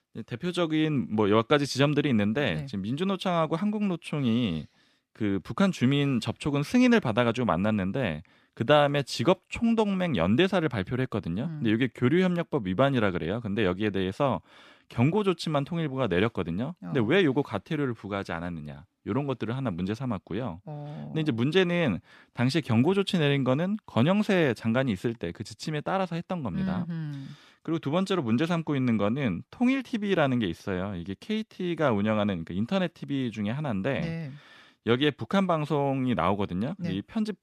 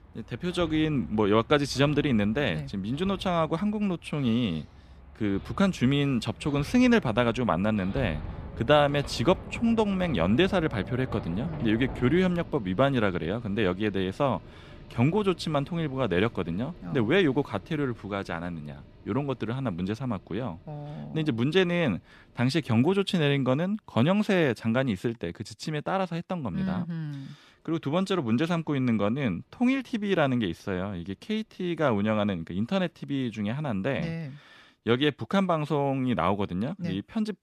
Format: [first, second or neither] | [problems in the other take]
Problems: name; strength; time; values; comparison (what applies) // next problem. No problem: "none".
first | machinery noise; noticeable; throughout; 15 dB below the speech